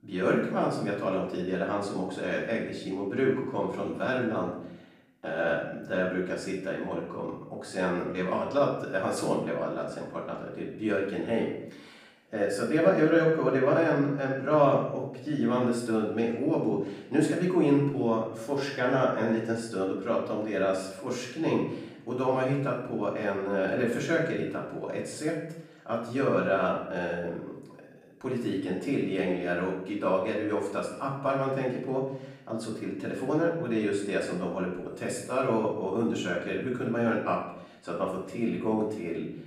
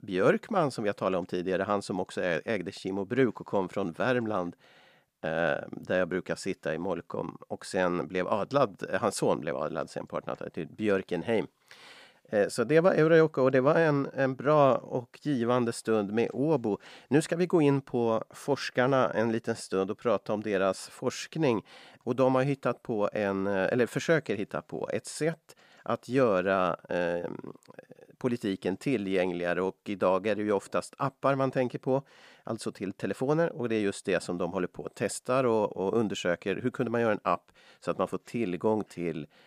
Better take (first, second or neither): second